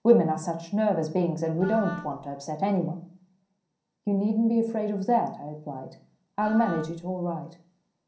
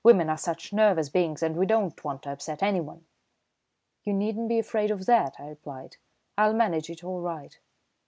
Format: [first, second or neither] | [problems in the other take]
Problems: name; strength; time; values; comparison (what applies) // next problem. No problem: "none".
second | background sound (Wind instrument, woodwind instrument); 14 dB below the speech // room echo; dies away in 0.6 s